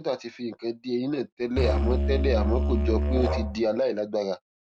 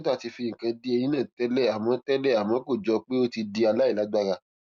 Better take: second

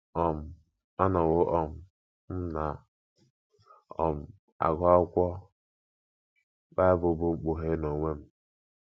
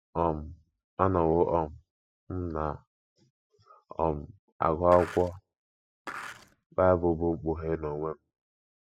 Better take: first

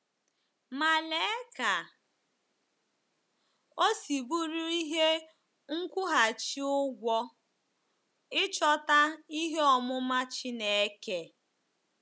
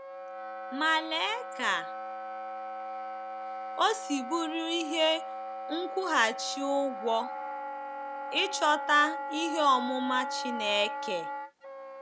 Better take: first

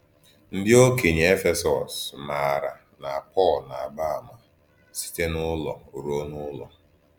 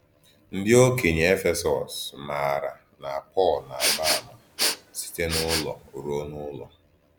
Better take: first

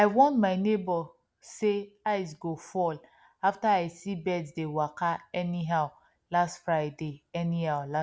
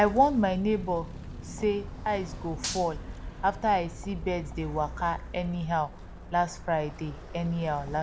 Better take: first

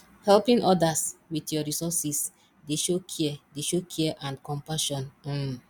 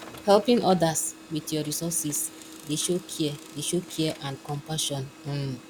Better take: first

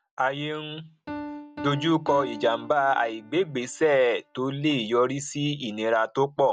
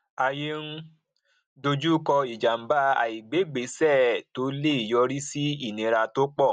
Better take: second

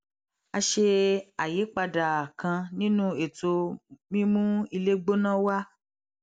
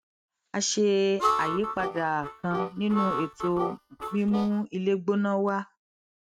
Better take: first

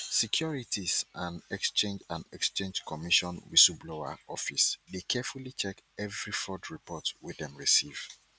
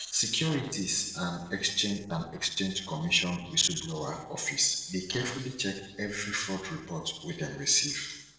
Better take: first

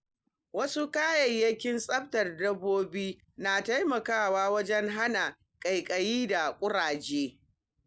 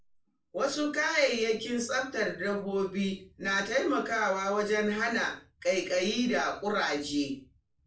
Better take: first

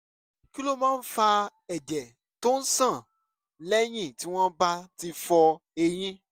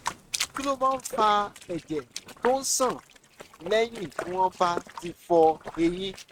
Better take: first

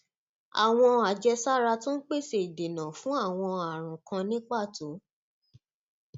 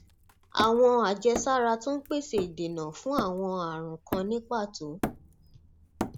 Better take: first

